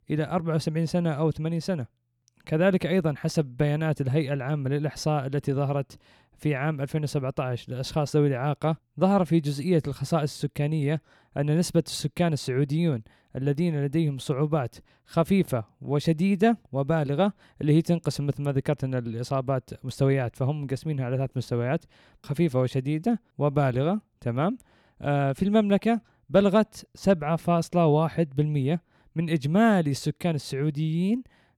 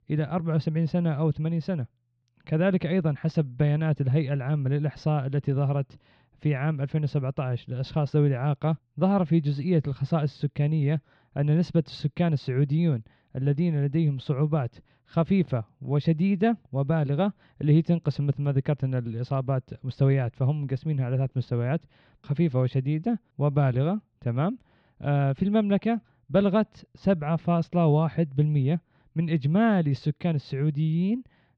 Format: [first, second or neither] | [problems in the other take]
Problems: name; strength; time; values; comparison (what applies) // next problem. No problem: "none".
first | muffled; very slightly; fading above 4 kHz